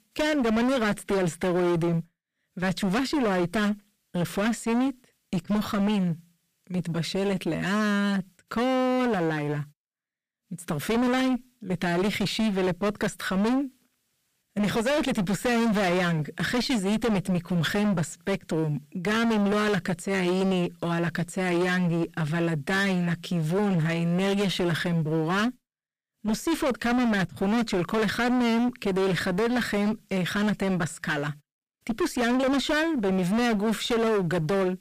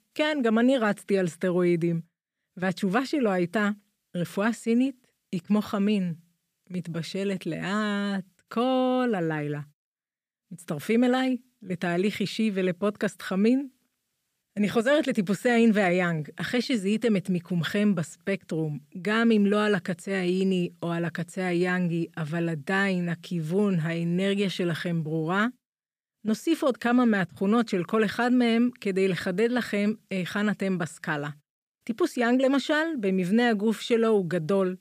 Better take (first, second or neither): second